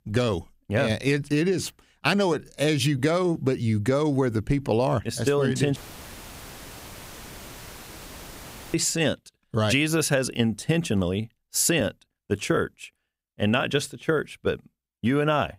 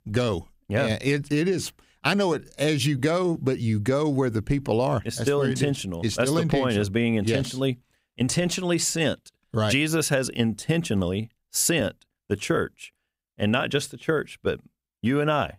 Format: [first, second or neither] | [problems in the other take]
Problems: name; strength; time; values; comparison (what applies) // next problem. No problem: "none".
second | audio cutting out; filled with static; at 6 s for 3 s